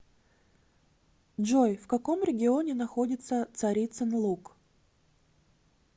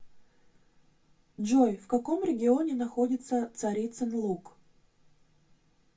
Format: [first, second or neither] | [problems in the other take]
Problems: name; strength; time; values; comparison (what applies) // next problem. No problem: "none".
first | room echo; dies away in 0.2 s